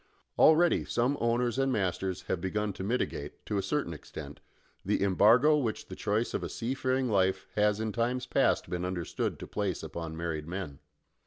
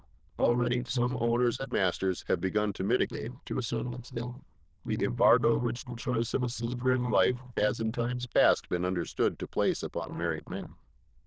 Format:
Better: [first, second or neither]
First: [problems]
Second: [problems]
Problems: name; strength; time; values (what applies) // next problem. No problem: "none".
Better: first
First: none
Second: noise reduction (neural diffusion model UNIVERSE++)